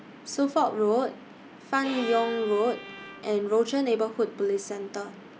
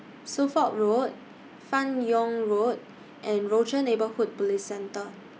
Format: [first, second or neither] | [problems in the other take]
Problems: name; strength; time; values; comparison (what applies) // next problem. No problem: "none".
second | background sound (Bowed string instrument); 13 dB below the speech